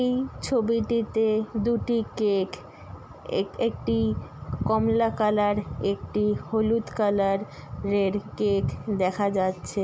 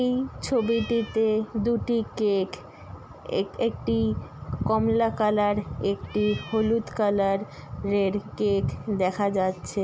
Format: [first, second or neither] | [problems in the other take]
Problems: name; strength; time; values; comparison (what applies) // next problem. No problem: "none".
first | background sound (Cat); 18 dB below the speech